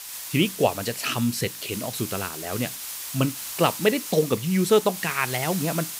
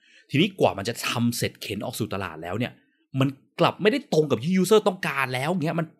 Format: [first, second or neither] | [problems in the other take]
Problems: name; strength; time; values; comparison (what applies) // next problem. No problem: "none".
second | hiss; loud; throughout; 7 dB below the speech